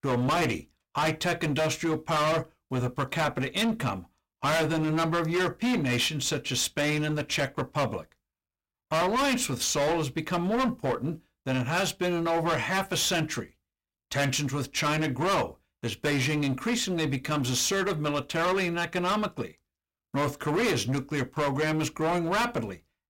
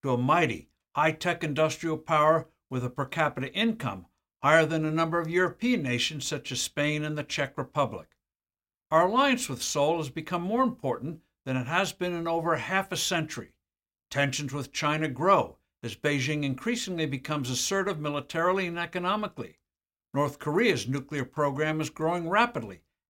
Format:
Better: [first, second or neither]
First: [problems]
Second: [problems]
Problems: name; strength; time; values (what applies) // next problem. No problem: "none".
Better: second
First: distortion; heavy; 18% of the sound clipped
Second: none